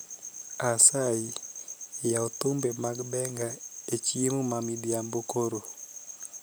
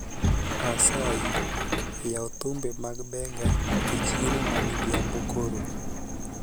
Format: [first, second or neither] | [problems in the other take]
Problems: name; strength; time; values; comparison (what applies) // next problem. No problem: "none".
first | background sound (Sliding door + Engine); 4 dB above the speech